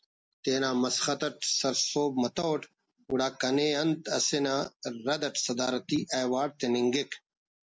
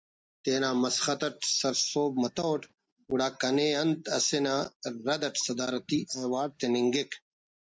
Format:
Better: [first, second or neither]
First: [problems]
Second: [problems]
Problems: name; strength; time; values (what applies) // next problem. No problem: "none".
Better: first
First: none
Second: noise reduction (neural mask model DeepFilterNet 3)